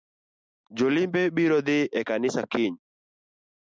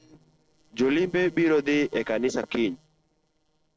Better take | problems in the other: first | noise reduction (neural separator model SepFormer DNS4)

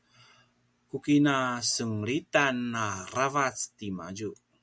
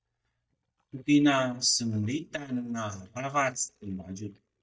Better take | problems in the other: first | noise reduction (neural mask model DeepFilterNet 3)

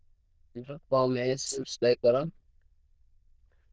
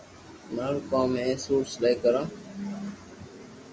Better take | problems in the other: second | noise reduction (neural diffusion model UNIVERSE++)

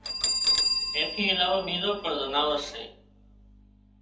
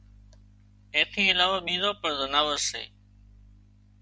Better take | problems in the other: second | background sound (Bell); 1 dB below the speech // room echo; dies away in 0.7 s

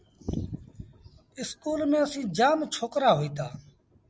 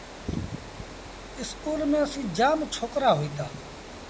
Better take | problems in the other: first | background sound (Water); 13 dB below the speech

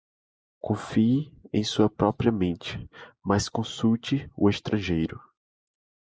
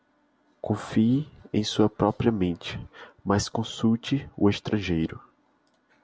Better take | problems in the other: second | noise reduction (neural mask model Resemble Enhance denoiser)

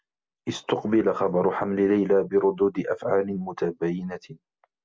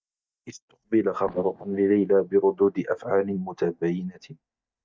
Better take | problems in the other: first | noise reduction (neural mask model DeepFilterNet 3)

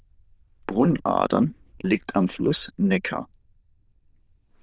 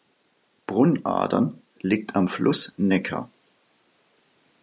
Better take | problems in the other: second | noise reduction (neural diffusion model UNIVERSE++)

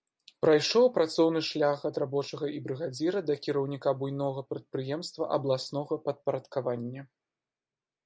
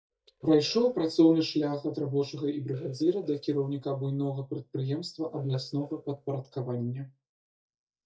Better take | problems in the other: first | noise reduction (neural mask model DeepFilterNet 3)

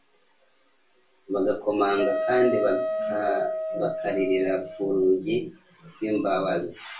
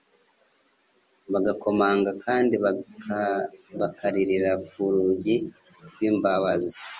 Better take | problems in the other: second | background sound (Wind instrument, woodwind instrument); 3 dB below the speech // room echo; dies away in 0.3 s

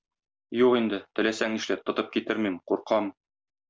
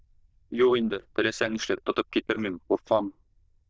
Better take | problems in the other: first | noise reduction (neural diffusion model UNIVERSE++)

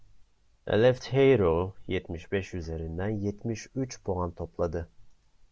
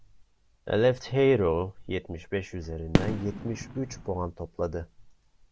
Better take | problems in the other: first | background sound (Fireworks); 2 dB below the speech

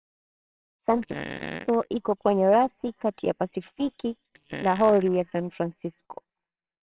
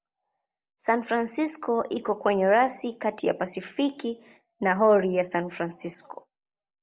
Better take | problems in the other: second | noise reduction (neural separator model SepFormer WHAMR!)

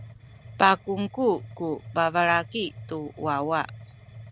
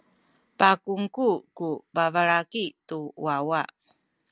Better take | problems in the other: second | background sound (Mechanisms); 17 dB below the speech

